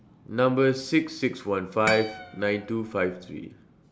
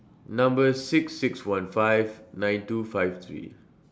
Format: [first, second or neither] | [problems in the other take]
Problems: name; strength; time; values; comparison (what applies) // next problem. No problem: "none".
second | background sound (Harp); 9 dB below the speech